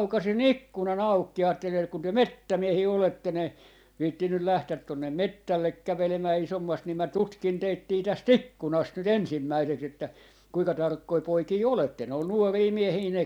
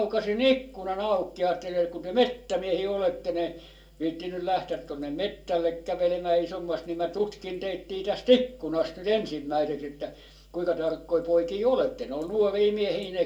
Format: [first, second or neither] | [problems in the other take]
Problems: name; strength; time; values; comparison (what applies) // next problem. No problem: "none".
first | room echo; dies away in 0.2 s